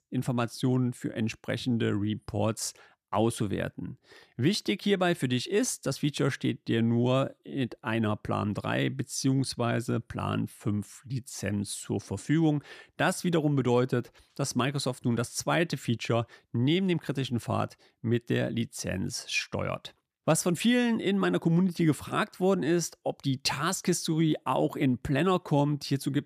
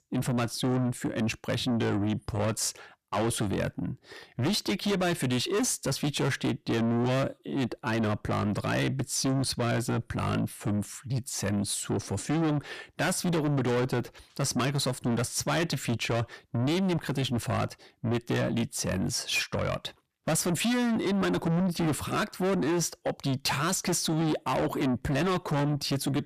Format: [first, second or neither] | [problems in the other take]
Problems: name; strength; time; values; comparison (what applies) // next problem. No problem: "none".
first | distortion; heavy; 6 dB below the speech